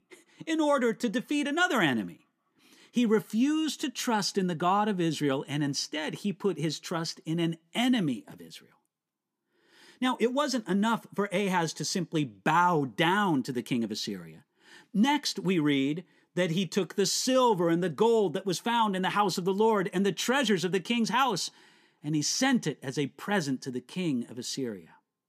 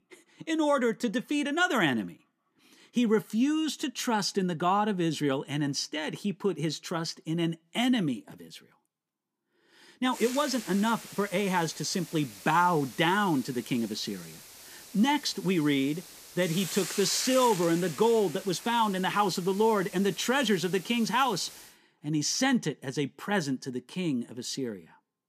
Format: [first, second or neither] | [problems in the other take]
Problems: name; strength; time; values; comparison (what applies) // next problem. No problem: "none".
first | hiss; noticeable; from 10 to 22 s; 15 dB below the speech